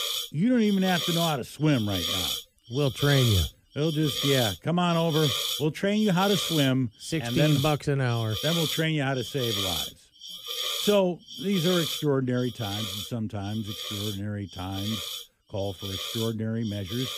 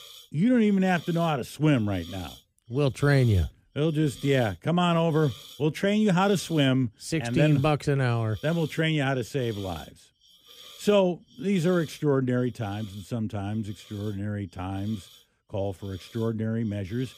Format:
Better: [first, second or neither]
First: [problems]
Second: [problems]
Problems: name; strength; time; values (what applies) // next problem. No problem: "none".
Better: second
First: hiss; loud; throughout; 4 dB below the speech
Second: hiss; faint; throughout; 20 dB below the speech